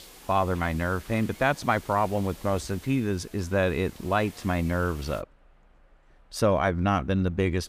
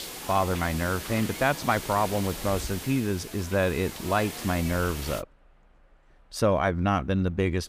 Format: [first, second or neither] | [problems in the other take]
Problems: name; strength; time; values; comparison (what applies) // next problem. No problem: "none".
first | hiss; loud; until 5 s; 9 dB below the speech; faint in the first